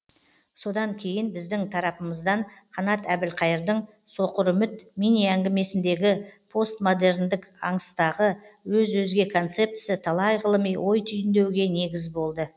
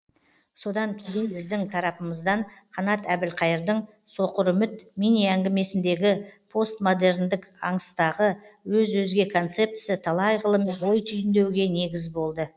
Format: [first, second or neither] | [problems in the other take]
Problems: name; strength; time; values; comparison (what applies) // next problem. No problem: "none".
first | noise reduction (neural mask model Resemble Enhance denoiser)